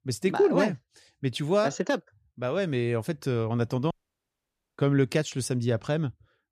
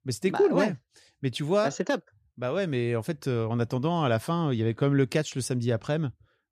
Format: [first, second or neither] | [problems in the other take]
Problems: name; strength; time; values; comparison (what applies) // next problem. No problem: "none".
second | audio cutting out; at 4 s for 1 s